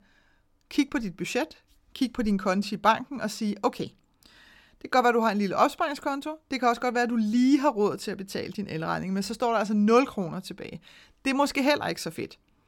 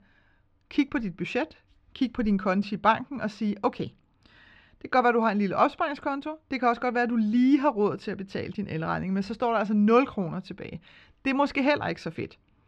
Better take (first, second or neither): first